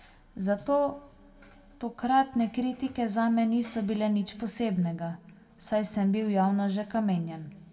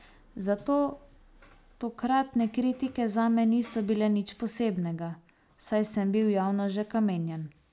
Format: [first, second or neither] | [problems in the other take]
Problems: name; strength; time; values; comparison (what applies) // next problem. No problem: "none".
second | room echo; dies away in 1.8 s